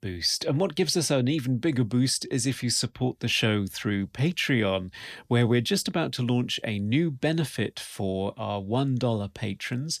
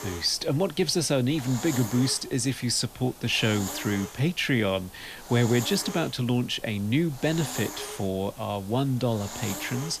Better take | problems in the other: first | hiss; noticeable; throughout; 10 dB below the speech

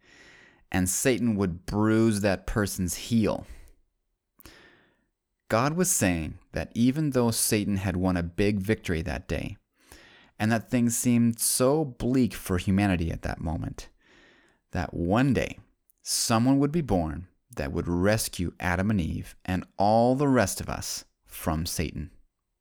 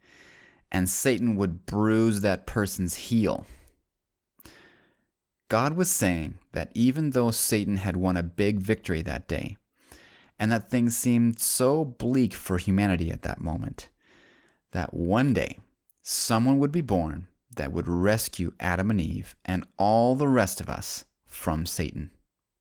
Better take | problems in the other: first | garbled, watery; slightly

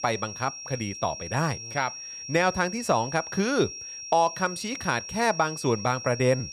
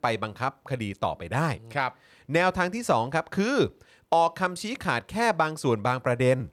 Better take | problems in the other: second | high-pitched whine; loud; throughout; 5.5 kHz, 9 dB below the speech

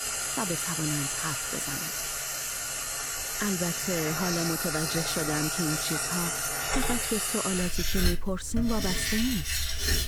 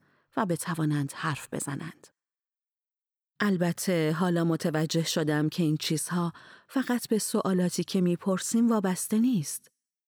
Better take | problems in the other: second | household noises; very loud; throughout; 3 dB above the speech

